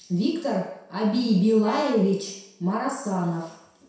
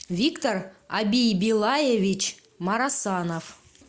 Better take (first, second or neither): second